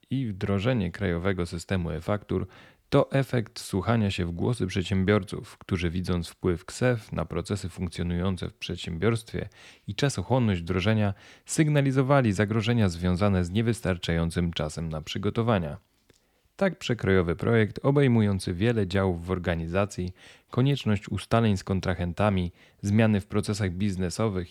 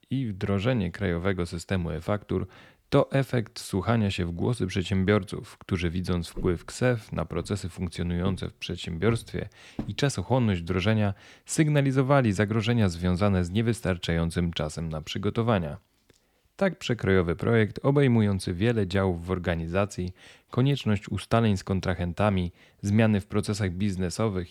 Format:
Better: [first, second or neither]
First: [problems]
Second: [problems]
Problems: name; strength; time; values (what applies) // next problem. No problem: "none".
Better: first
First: none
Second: footsteps; faint; from 6.5 to 10 s; peak 10 dB below the speech